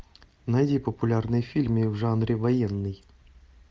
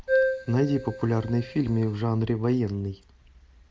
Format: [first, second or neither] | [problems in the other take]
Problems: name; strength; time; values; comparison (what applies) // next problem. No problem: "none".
first | background sound (Keyboard (musical)); 3 dB below the speech